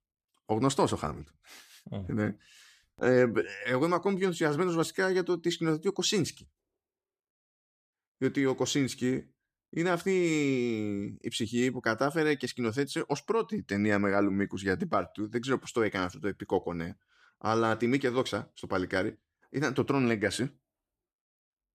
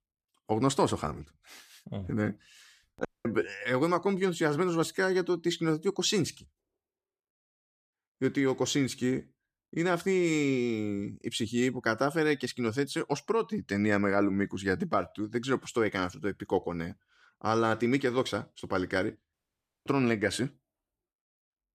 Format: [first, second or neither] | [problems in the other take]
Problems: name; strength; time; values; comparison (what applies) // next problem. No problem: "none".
first | audio cutting out; at 3 s and at 19 s for 0.5 s